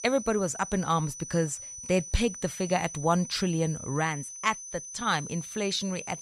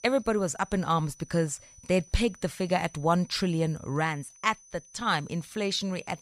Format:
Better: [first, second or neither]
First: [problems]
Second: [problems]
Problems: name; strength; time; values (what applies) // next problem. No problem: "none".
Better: second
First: high-pitched whine; loud; throughout; 6 kHz, 10 dB below the speech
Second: high-pitched whine; faint; throughout; 6 kHz, 25 dB below the speech